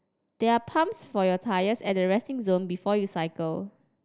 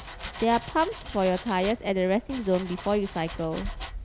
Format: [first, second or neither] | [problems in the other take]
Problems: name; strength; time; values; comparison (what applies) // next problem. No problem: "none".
first | background sound (Domestic sounds, home sounds); 12 dB below the speech